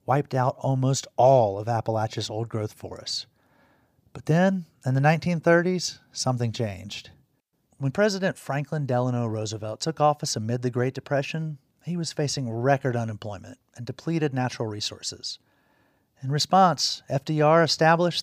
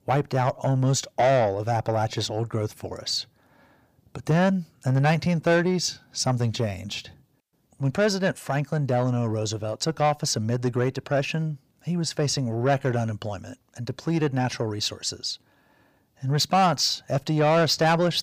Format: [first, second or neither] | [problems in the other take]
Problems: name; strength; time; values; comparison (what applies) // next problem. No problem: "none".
first | distortion; slight; 10 dB below the speech